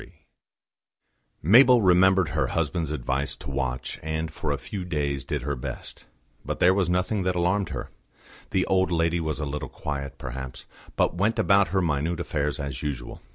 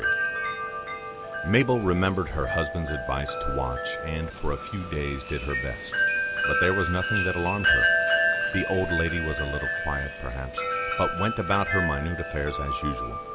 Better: first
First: none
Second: background sound (Wind chime); as loud as the speech

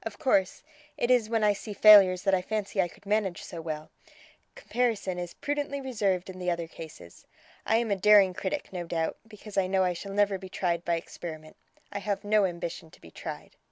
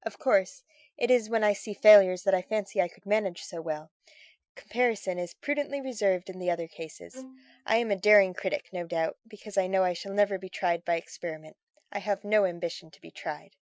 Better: first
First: none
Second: noise reduction (classical method Wiener filter)

